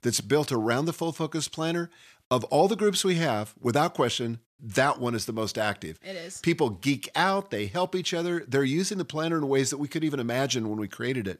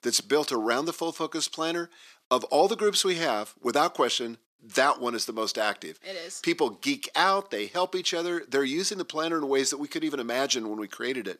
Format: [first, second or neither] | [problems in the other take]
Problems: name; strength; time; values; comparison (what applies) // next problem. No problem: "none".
first | thin; very slightly; fading below 300 Hz